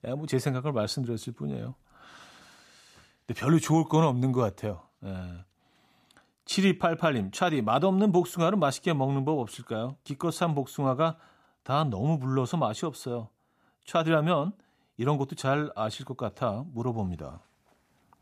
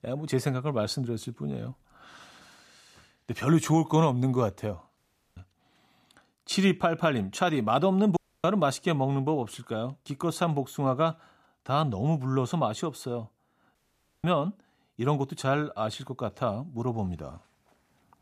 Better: first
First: none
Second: audio cutting out; at 5 s, at 8 s and at 14 s

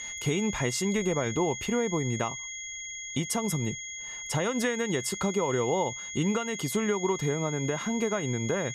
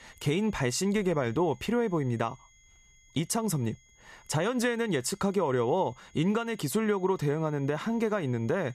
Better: second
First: high-pitched whine; loud; throughout; 2 kHz, 6 dB below the speech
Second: high-pitched whine; faint; throughout; 2 kHz, 30 dB below the speech

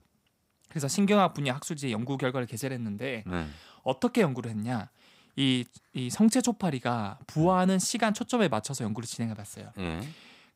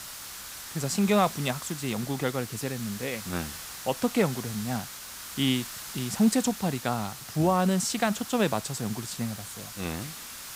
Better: first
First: none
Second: hiss; loud; throughout; 10 dB below the speech

